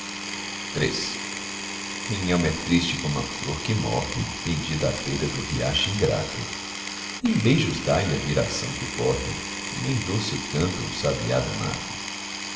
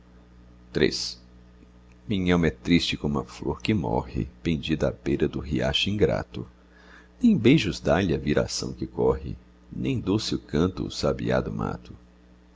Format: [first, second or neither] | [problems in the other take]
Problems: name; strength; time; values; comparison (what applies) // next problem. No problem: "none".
second | background sound (Power tool); 6 dB below the speech // room echo; dies away in 1 s